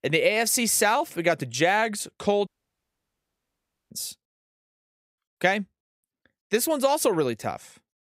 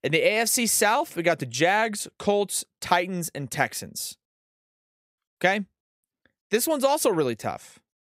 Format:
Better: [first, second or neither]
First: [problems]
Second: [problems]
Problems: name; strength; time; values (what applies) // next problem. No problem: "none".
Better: second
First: audio cutting out; at 2.5 s for 1.5 s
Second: none